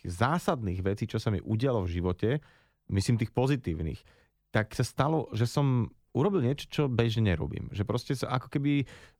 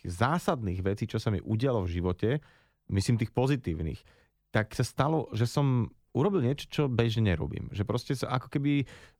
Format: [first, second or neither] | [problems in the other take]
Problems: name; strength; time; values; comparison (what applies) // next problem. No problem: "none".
neither | none